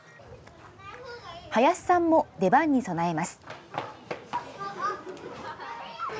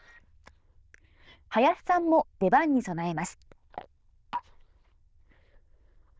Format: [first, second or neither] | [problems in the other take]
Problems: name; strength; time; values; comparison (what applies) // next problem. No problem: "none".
first | noise reduction (neural diffusion model UNIVERSE++)